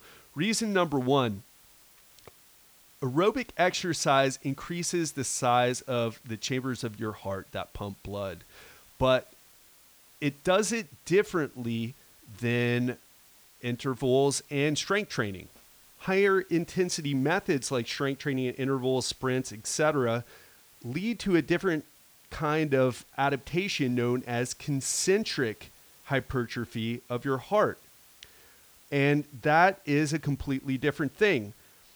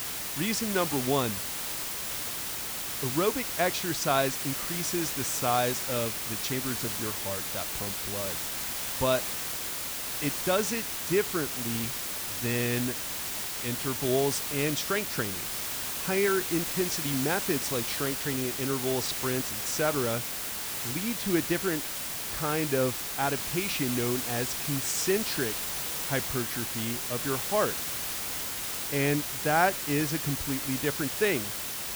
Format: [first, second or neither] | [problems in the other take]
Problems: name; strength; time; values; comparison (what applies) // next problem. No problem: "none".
first | hiss; loud; throughout; as loud as the speech; faint in the first